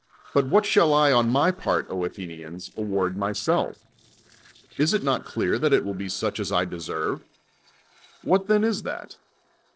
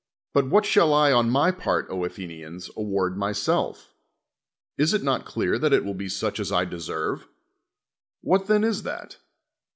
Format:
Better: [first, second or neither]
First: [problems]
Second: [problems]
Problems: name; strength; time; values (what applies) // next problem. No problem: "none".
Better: second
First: noise reduction (neural separator model SepFormer DNS4)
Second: none